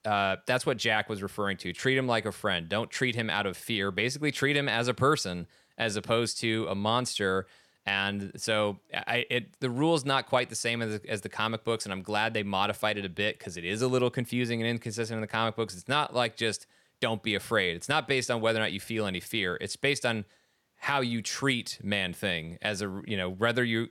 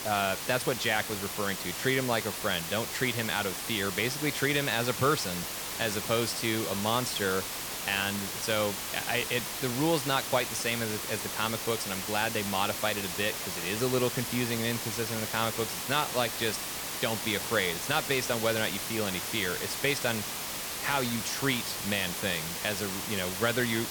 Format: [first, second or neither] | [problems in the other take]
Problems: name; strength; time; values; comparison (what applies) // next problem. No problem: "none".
first | hiss; loud; throughout; 3 dB below the speech